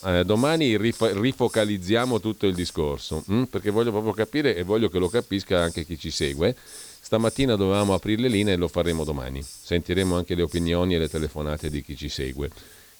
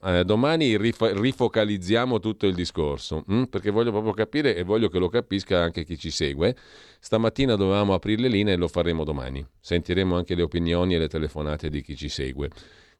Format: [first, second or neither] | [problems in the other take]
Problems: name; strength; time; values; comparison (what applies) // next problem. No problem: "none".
second | hiss; noticeable; throughout; 20 dB below the speech